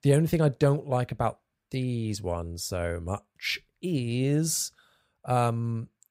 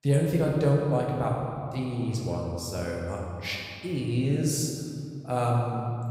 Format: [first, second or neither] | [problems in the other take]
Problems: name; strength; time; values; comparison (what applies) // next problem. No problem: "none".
first | room echo; noticeable; dies away in 2.3 s // off-mic speech; somewhat distant